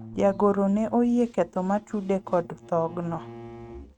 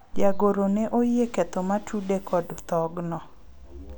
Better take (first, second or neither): second